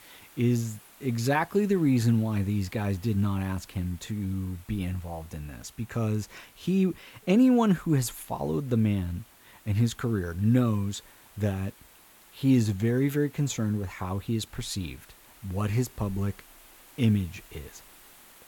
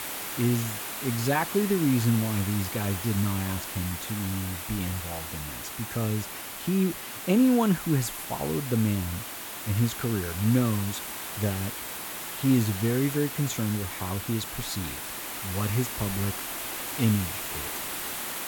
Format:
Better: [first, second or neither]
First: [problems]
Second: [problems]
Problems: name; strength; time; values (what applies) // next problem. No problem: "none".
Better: first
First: hiss; faint; throughout; 25 dB below the speech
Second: hiss; loud; throughout; 5 dB below the speech